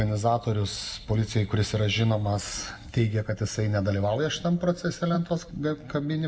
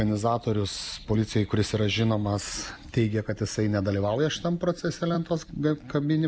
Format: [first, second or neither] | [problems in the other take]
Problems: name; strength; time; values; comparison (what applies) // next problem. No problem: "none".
second | room echo; dies away in 0.6 s